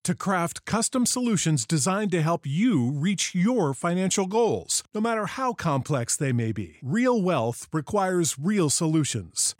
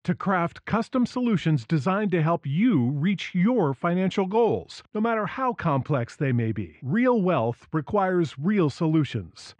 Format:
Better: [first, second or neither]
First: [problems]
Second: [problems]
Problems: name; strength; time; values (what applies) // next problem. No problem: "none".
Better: first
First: none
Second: muffled; very; fading above 3 kHz